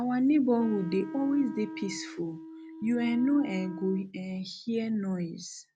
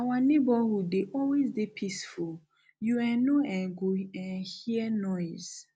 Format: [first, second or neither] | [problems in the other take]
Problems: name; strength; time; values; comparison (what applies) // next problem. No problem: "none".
second | background sound (Wind instrument, woodwind instrument); 12 dB below the speech